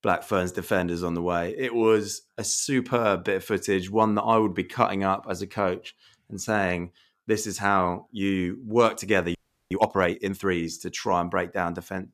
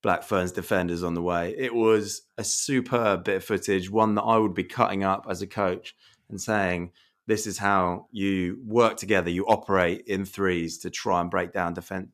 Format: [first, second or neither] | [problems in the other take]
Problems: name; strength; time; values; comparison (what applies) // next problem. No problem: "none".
second | audio freezing; at 9.5 s